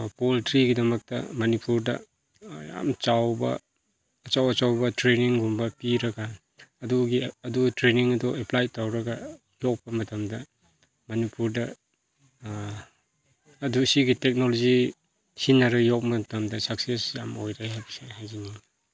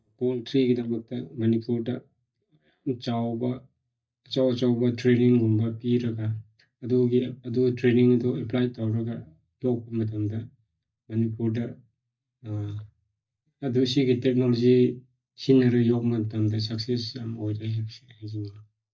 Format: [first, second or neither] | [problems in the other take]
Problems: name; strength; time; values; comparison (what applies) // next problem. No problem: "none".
first | noise reduction (neural mask model DeepFilterNet 3)